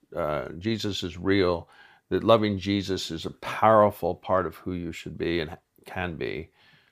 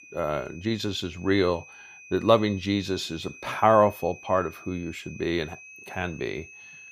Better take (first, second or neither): first